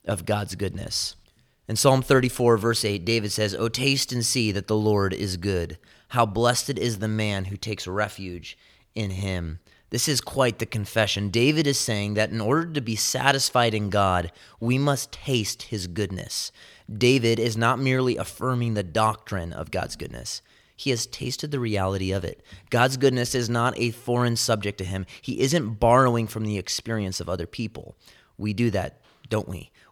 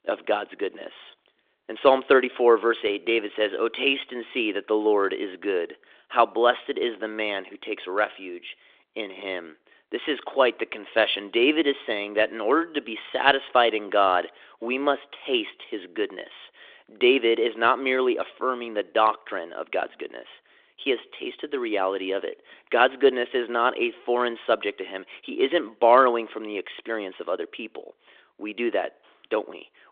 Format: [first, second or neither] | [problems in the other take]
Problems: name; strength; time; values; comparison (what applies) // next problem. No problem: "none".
first | phone-call audio; nothing above 3.5 kHz